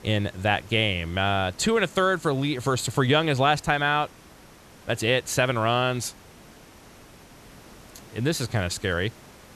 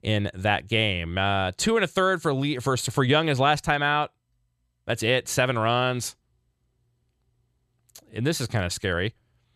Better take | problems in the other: second | hiss; faint; throughout; 25 dB below the speech

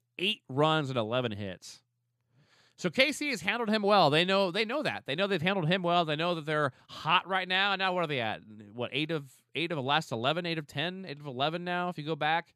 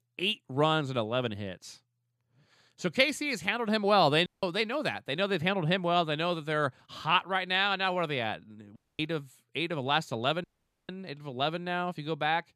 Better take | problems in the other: first | audio cutting out; at 4.5 s, at 9 s and at 10 s

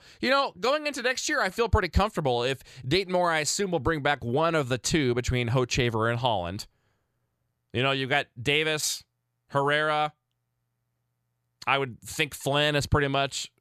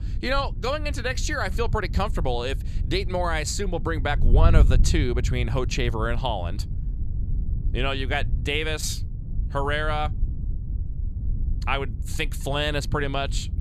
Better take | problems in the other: first | wind noise on the microphone; occasional gusts; 15 dB below the speech

